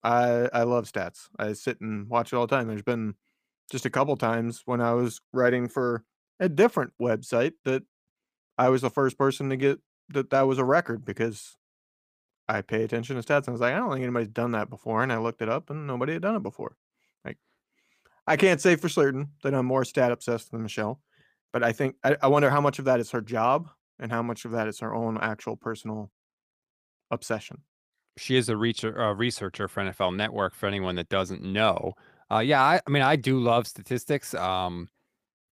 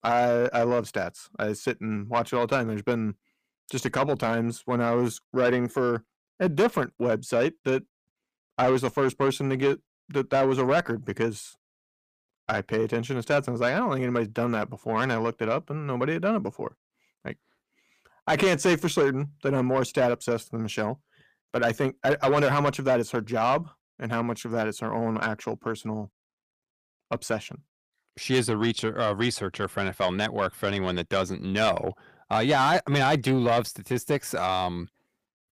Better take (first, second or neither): first